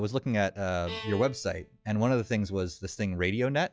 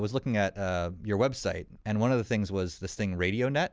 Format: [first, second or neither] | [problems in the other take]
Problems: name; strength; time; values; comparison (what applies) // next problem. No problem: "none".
second | noise reduction (classical method log-MMSE)